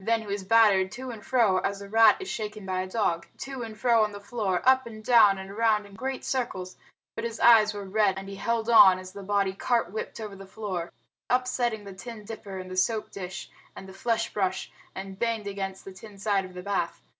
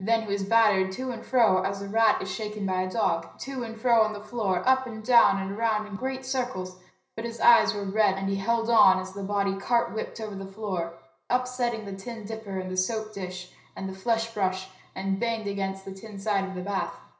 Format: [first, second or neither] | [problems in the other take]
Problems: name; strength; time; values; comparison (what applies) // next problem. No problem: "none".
first | room echo; dies away in 0.5 s